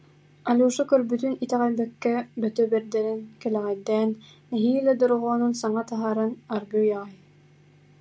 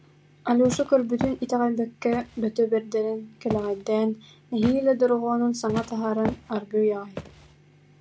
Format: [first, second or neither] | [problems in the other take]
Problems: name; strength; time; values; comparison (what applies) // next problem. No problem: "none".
first | background sound (Walk, footsteps); 14 dB below the speech